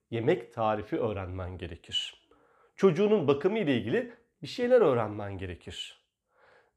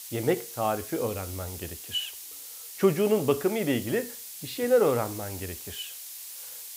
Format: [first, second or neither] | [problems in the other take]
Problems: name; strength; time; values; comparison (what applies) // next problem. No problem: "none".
first | hiss; noticeable; throughout; 10 dB below the speech